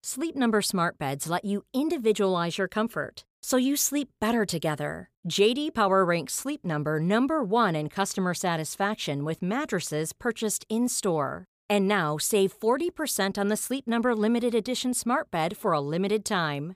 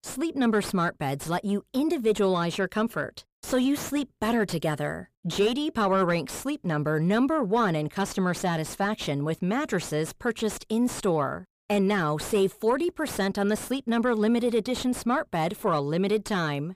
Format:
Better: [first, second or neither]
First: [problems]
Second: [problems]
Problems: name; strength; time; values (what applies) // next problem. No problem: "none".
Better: first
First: none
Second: distortion; slight; 10 dB below the speech